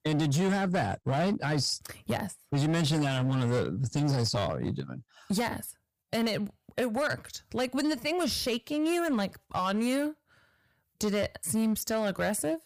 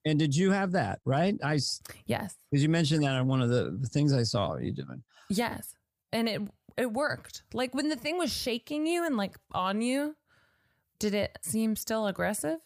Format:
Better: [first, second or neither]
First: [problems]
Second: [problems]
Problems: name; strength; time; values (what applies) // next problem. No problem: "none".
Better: second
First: distortion; slight; 11% of the sound clipped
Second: none